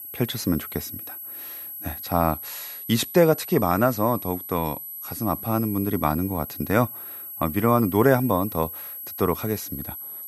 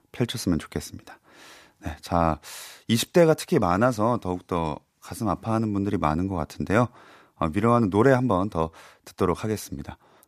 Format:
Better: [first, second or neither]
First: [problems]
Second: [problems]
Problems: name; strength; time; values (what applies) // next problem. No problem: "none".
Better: second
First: high-pitched whine; loud; throughout; 11.5 kHz, 10 dB below the speech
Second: none